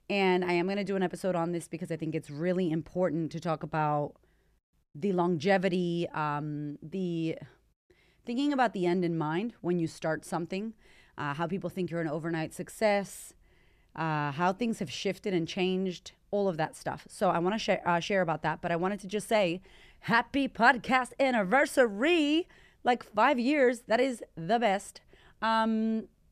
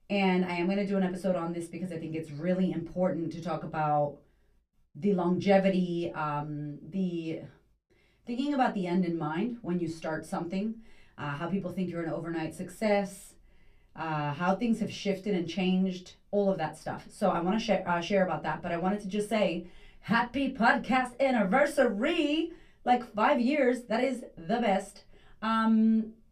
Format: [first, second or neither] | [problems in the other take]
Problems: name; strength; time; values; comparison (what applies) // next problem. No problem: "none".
first | off-mic speech; far // room echo; very slight; dies away in 0.2 s